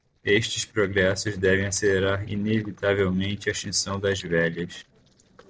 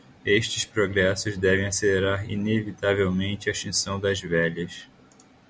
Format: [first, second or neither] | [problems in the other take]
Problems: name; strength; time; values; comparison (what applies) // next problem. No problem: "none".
second | noise reduction (neural separator model SepFormer DNS4)